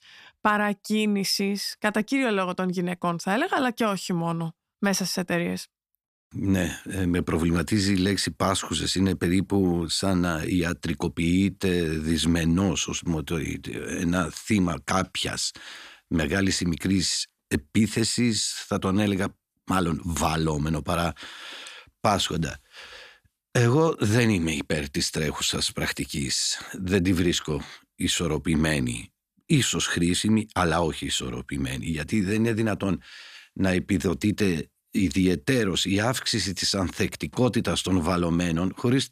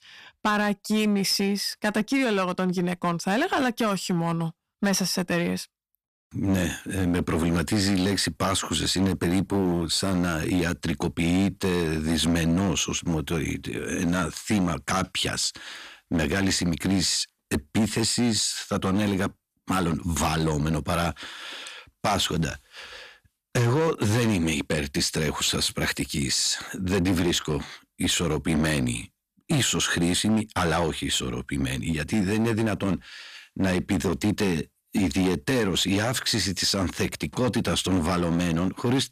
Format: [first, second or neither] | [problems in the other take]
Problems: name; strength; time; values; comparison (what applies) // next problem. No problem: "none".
first | distortion; slight; 9% of the sound clipped